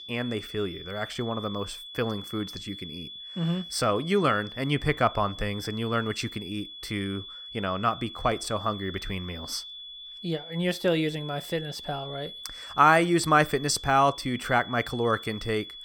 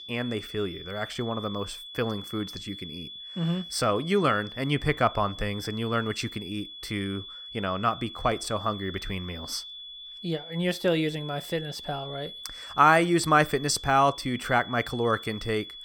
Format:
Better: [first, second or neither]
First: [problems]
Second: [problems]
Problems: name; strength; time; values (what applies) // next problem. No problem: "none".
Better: neither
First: high-pitched whine; noticeable; throughout; 3.5 kHz, 10 dB below the speech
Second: high-pitched whine; noticeable; throughout; 3.5 kHz, 10 dB below the speech